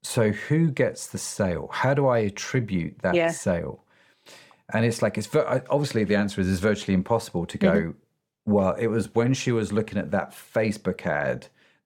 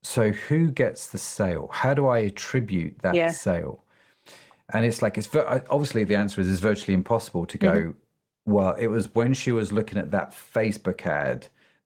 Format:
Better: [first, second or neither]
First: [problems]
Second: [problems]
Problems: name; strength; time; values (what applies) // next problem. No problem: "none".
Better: first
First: none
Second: garbled, watery; slightly; nothing above 17 kHz